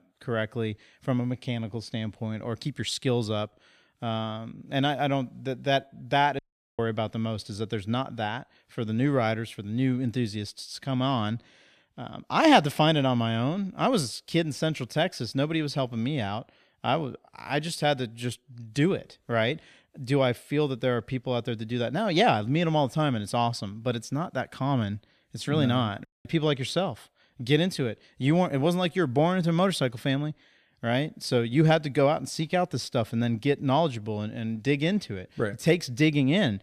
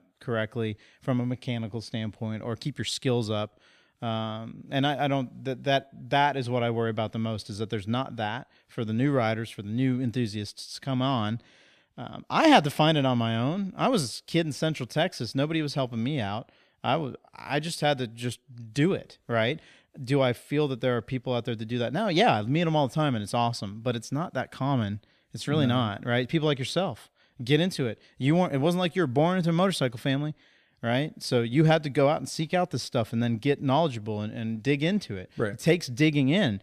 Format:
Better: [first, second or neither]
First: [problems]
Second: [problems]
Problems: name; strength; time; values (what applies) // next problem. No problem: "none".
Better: second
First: audio cutting out; at 6.5 s and at 26 s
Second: none